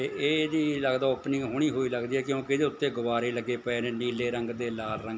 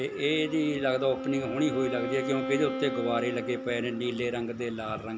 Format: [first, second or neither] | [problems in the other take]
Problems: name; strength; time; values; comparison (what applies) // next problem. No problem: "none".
first | background sound (Wind instrument, woodwind instrument); 7 dB below the speech